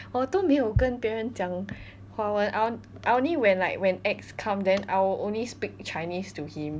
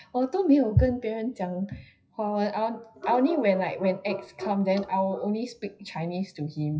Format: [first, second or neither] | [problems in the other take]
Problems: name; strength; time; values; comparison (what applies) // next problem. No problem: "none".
first | noise reduction (classical method WPE with log-MMSE)